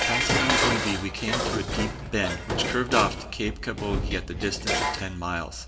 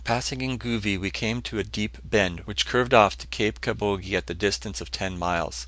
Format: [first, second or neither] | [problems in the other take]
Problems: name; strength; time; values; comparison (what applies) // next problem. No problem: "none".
second | background sound (Dishes, pots, and pans); 1 dB above the speech // room echo; dies away in 1.4 s